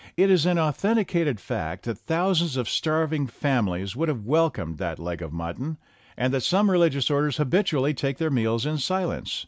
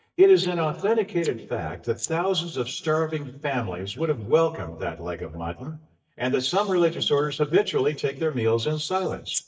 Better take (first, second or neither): first